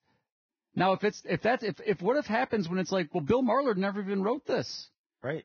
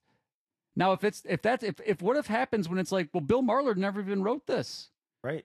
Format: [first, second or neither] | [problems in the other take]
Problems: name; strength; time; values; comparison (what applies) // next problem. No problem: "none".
second | garbled, watery; badly; nothing above 6 kHz; slightly in the second